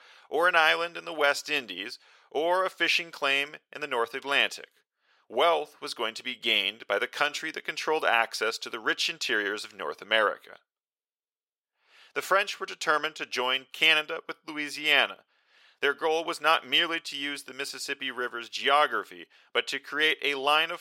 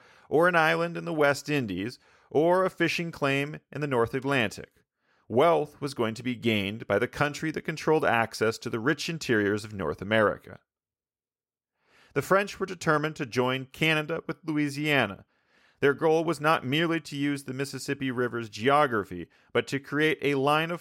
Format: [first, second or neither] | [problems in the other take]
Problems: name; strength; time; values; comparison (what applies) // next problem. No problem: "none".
second | thin; very; fading below 600 Hz